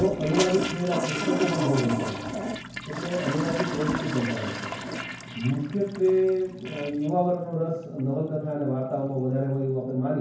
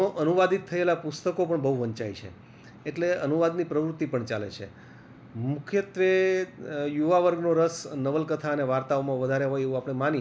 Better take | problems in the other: second | background sound (Toilet flush); 6 dB below the speech // room echo; dies away in 0.9 s

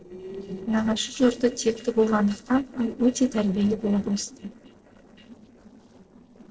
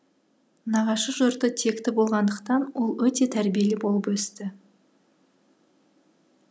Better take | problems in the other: second | noise reduction (neural separator model SepFormer DNS4)

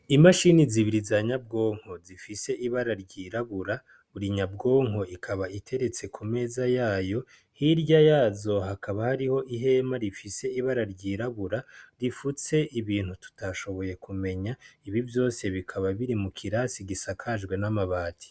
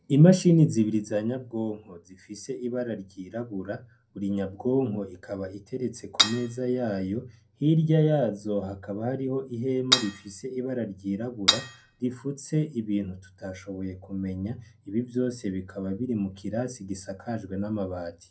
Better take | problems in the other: first | background sound (Cutlery, silverware / Dishes, pots, and pans); as loud as the speech // room echo; dies away in 0.2 s

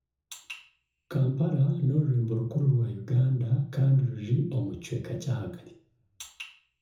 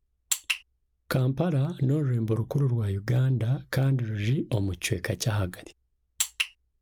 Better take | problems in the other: second | room echo; dies away in 0.6 s

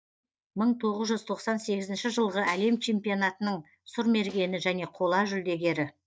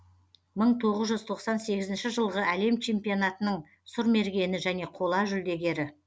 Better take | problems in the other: second | noise reduction (neural mask model DeepFilterNet 3)

